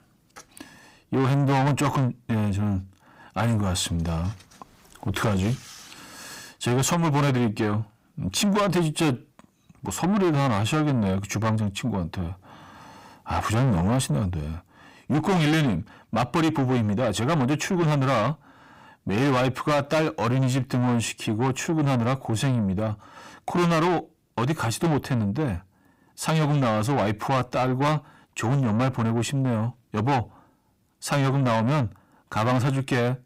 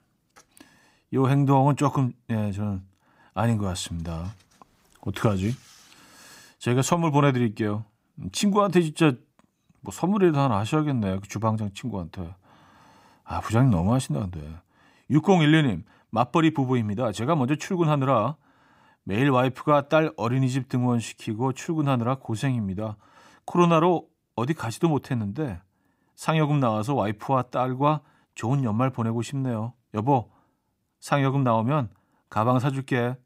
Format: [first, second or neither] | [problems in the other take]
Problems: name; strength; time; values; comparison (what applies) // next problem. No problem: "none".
second | distortion; heavy; 6 dB below the speech